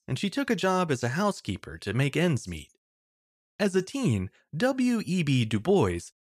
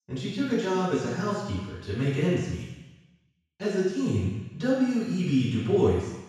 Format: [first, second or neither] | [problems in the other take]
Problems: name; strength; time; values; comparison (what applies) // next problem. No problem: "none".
first | room echo; strong; dies away in 1.1 s // off-mic speech; far